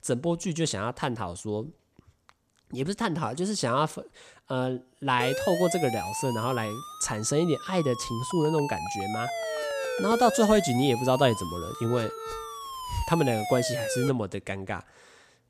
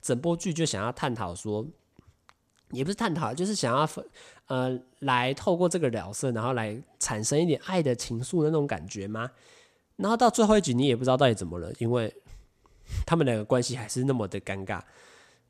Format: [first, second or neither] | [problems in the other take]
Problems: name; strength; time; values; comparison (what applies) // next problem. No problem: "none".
second | siren; noticeable; from 5 to 14 s; peak 2 dB below the speech